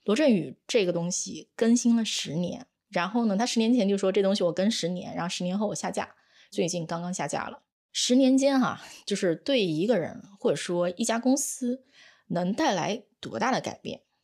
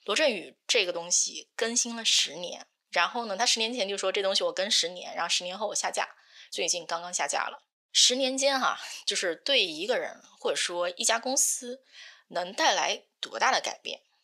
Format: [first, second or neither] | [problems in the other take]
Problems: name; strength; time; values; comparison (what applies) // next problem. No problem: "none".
first | thin; very; fading below 750 Hz